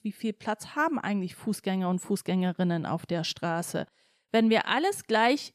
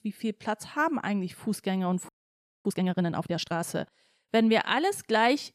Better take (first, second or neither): first